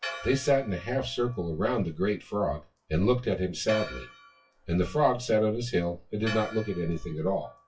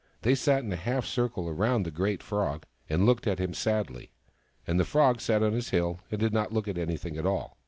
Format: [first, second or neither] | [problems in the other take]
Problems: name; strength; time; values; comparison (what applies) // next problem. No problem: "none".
second | noise reduction (classical method WPE with log-MMSE)